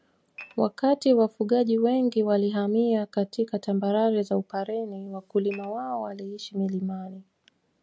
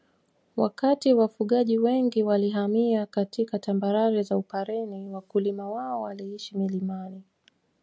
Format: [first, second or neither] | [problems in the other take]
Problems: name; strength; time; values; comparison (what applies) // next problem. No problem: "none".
second | background sound (Dishes, pots, and pans / Glass); 19 dB below the speech